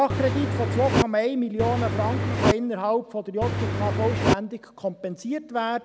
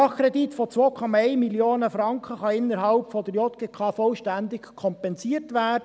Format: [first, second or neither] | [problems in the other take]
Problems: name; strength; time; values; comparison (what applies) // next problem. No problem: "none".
second | background sound (Engine); 2 dB above the speech